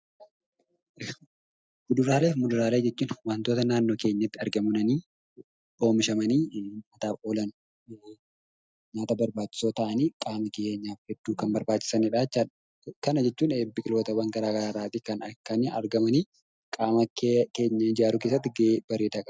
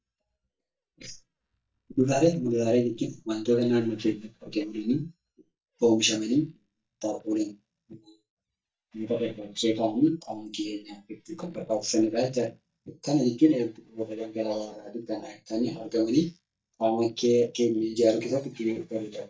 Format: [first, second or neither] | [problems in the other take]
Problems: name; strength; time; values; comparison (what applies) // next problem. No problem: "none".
first | noise reduction (neural mask model DeepFilterNet 3)